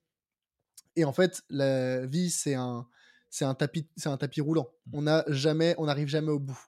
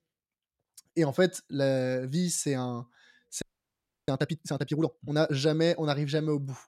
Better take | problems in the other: first | audio freezing; at 3.5 s for 0.5 s

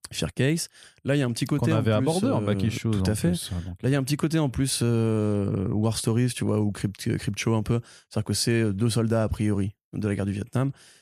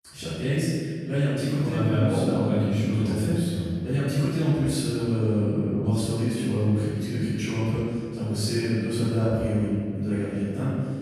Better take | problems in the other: first | off-mic speech; far // room echo; strong; dies away in 1.9 s

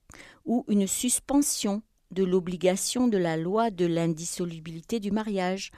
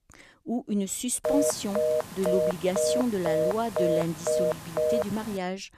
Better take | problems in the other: first | phone ringing; loud; from 1.5 s on; peak 4 dB above the speech

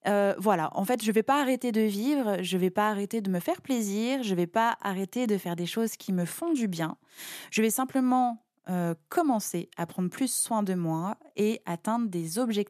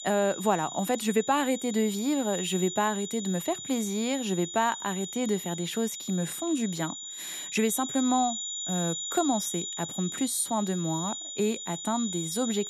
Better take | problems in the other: first | high-pitched whine; loud; throughout; 7 kHz, 6 dB below the speech

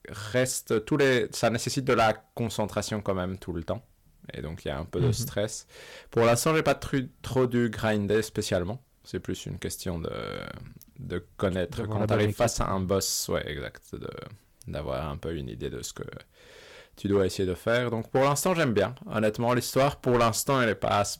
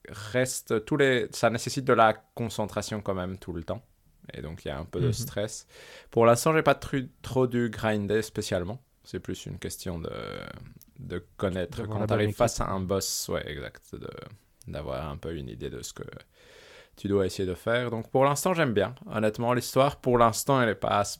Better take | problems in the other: second | distortion; slight; 3% of the sound clipped

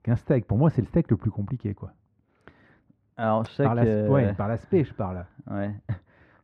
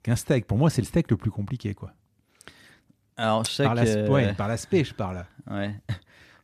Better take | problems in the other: second | muffled; very; fading above 3.5 kHz

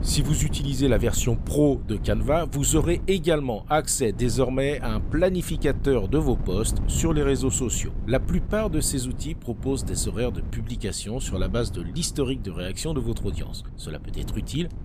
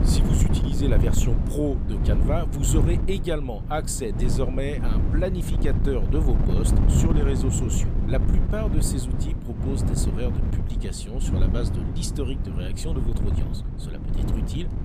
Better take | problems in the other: first | wind noise on the microphone; heavy; 4 dB below the speech; occasional gusts in the first

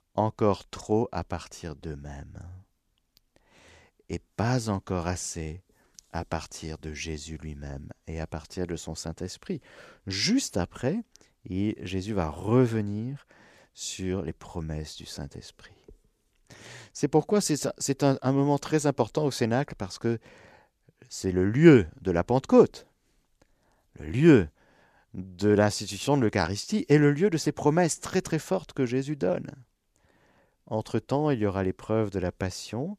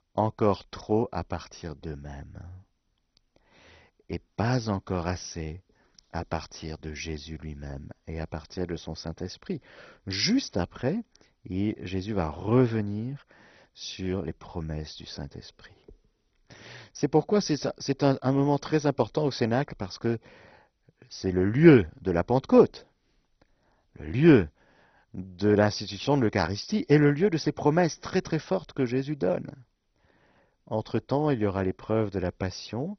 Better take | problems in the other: first | garbled, watery; badly; nothing above 6 kHz

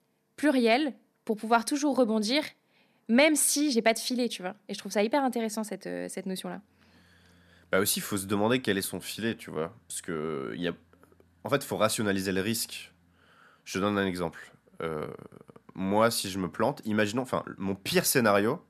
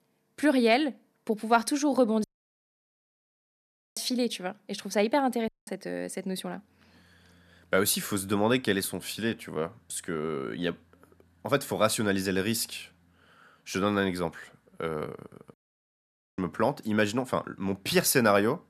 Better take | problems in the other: first | audio cutting out; at 2 s for 1.5 s, at 5.5 s and at 16 s for 1 s

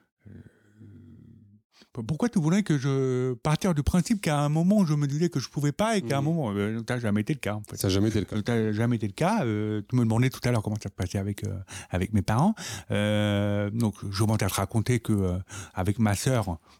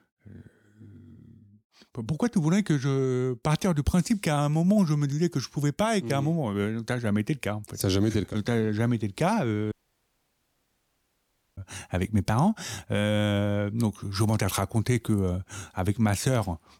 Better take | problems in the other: first | audio cutting out; at 9.5 s for 2 s

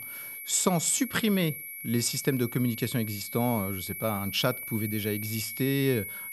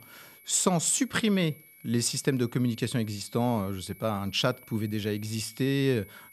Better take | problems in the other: second | high-pitched whine; loud; throughout; 11.5 kHz, 8 dB below the speech; faint in the second

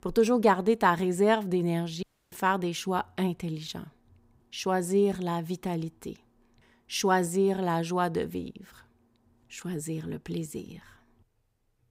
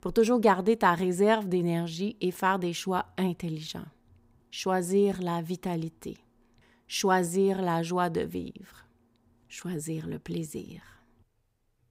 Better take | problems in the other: second | audio cutting out; at 2 s

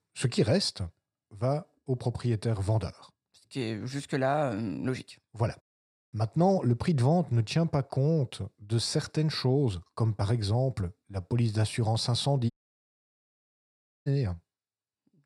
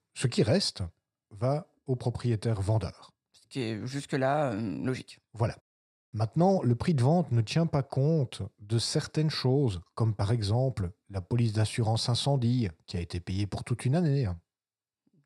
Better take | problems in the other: second | audio cutting out; at 13 s for 1.5 s

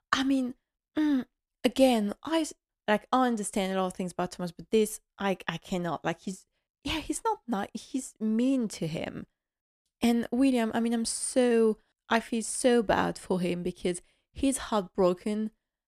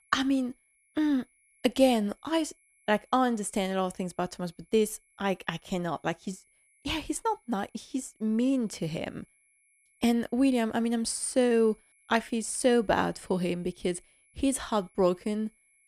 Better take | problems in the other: first | high-pitched whine; faint; throughout; 11 kHz, 35 dB below the speech

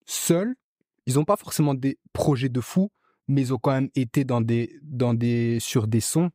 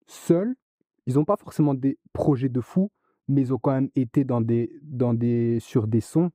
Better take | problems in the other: first | muffled; slightly; fading above 2 kHz

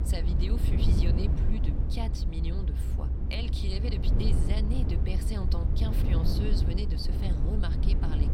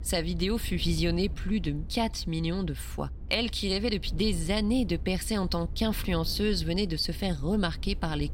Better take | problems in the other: second | low rumble; loud; throughout; 1 dB below the speech; faint in the second

